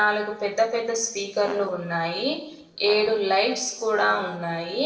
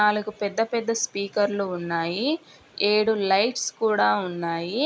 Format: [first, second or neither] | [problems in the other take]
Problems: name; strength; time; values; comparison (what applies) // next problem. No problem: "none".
second | noise reduction (neural separator model SepFormer DNS4)